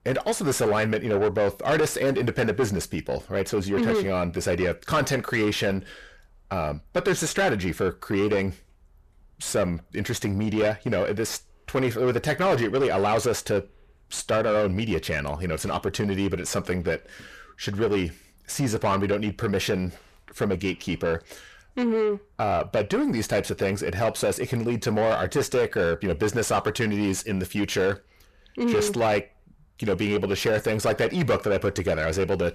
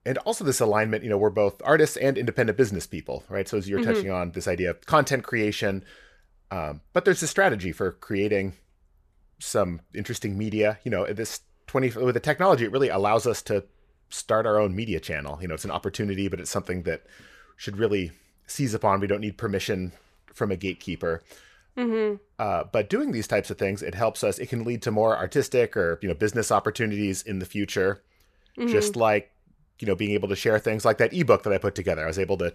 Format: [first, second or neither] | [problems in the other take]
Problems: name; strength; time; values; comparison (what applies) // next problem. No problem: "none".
second | distortion; heavy; 7 dB below the speech